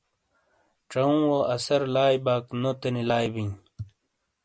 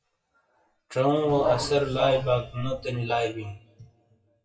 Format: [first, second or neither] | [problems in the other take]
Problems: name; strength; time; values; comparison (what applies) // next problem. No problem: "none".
first | noise reduction (classical method WPE with log-MMSE)